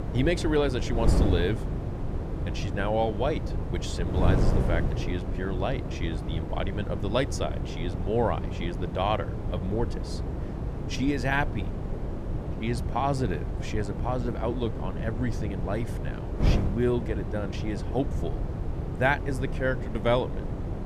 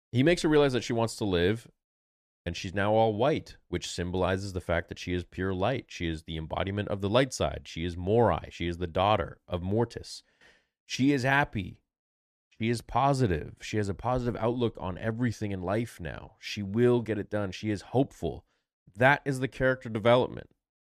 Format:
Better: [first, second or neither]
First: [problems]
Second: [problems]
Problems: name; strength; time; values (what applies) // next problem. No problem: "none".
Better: second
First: wind noise on the microphone; heavy; 8 dB below the speech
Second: none